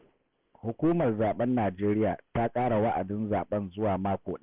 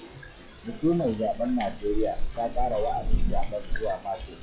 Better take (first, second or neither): first